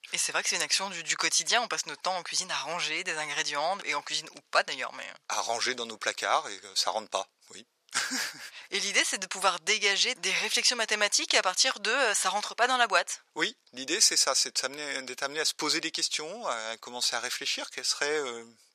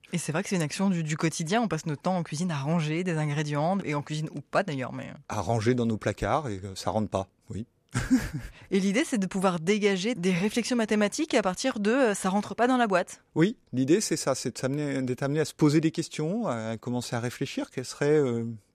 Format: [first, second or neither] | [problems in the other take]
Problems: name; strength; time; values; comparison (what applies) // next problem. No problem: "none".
second | thin; very; fading below 900 Hz